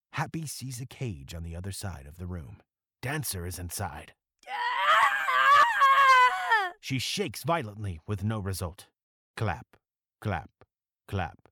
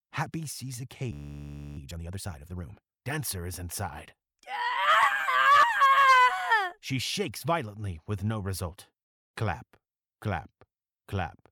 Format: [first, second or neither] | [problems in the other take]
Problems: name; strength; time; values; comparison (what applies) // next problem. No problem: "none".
first | audio freezing; at 1 s for 0.5 s